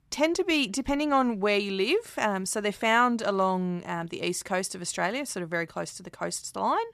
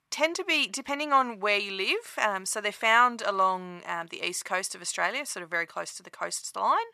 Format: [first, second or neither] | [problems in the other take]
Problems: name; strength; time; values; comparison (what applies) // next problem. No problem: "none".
first | thin; somewhat; fading below 850 Hz